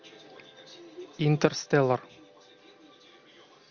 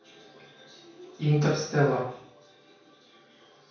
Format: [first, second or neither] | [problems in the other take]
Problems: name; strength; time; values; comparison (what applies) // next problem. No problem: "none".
first | room echo; dies away in 0.5 s